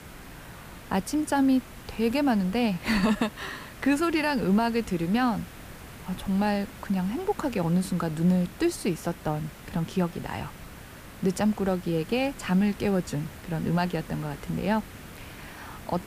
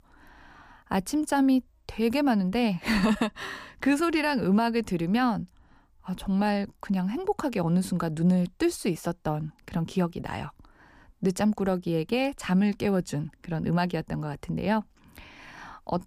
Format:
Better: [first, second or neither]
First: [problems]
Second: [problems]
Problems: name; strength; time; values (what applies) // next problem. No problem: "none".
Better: second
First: hiss; noticeable; throughout; 15 dB below the speech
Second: none